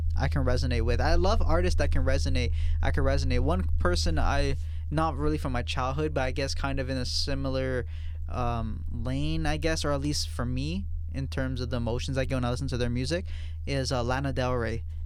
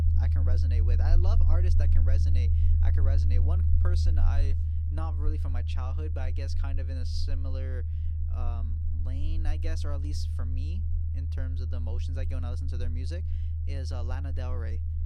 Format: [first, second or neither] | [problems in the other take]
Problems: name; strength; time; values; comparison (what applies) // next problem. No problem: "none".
first | low rumble; loud; throughout; 1 dB below the speech; faint in the first